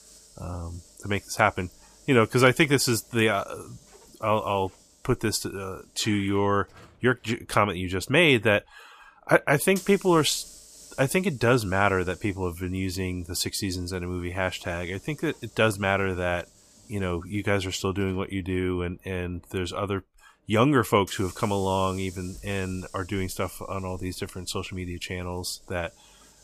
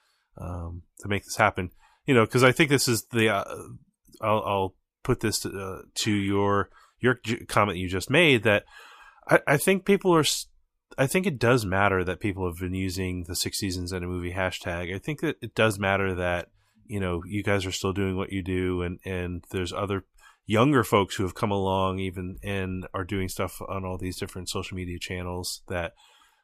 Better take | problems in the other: second | hiss; faint; throughout; 25 dB below the speech

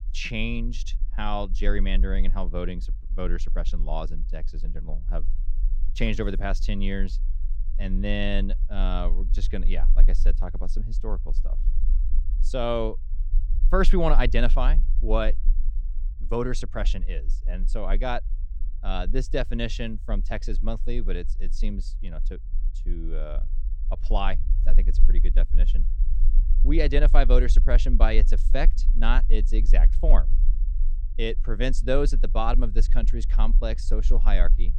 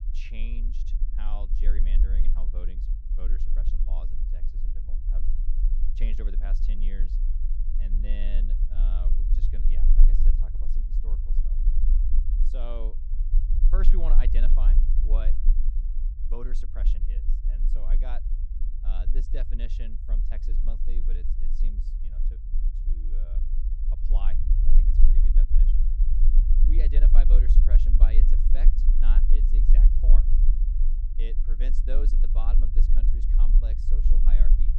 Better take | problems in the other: first | low rumble; loud; throughout; 5 dB below the speech; faint in the first

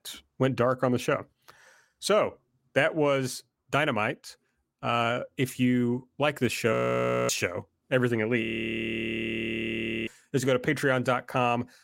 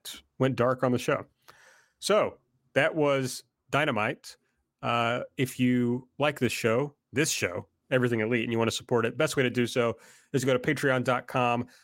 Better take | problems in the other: second | audio freezing; at 6.5 s for 0.5 s and at 8.5 s for 1.5 s

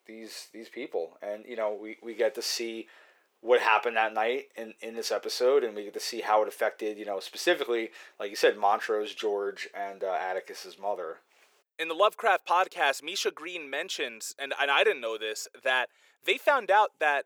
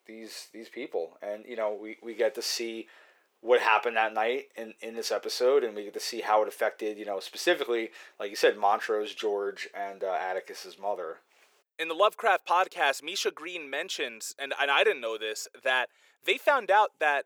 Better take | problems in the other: neither | thin; very; fading below 400 Hz; the same in both

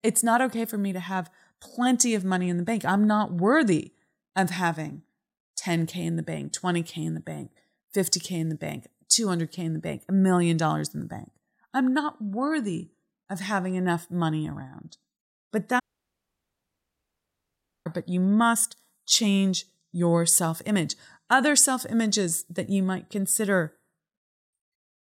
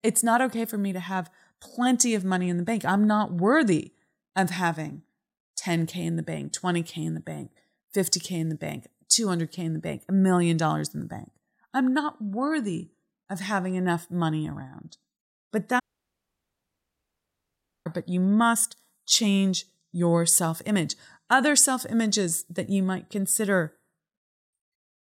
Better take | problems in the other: neither | audio cutting out; at 16 s for 2 s; the same in both

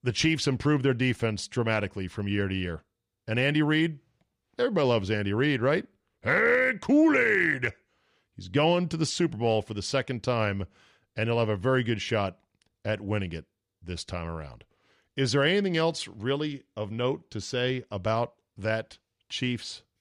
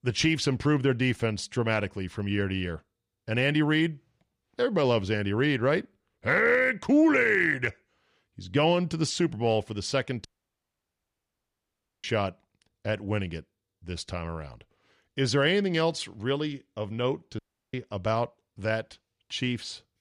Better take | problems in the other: first | audio cutting out; at 10 s for 2 s and at 17 s

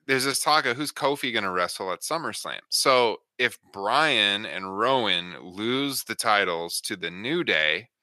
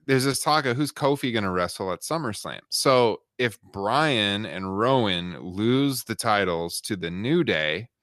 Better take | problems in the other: second | thin; somewhat; fading below 550 Hz

